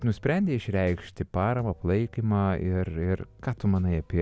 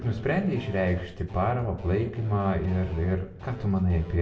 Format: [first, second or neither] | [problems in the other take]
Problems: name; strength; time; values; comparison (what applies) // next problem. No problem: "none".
first | background sound (Electric guitar / Bass guitar); 19 dB below the speech // room echo; dies away in 0.6 s